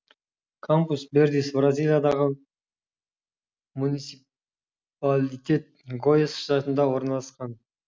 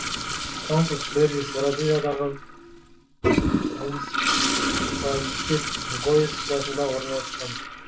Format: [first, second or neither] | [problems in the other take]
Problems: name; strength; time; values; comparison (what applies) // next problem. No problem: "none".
first | background sound (Toilet flush); 1 dB below the speech // room echo; dies away in 0.2 s